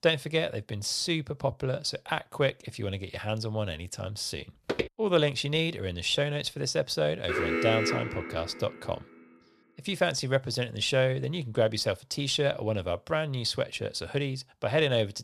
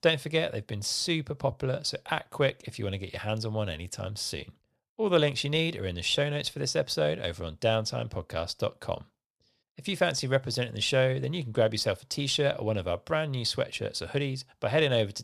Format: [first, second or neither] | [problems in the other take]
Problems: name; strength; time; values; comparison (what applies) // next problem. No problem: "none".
second | footsteps; noticeable; at 4.5 s; peak 3 dB below the speech // alarm; loud; from 7.5 to 9 s; peak 2 dB above the speech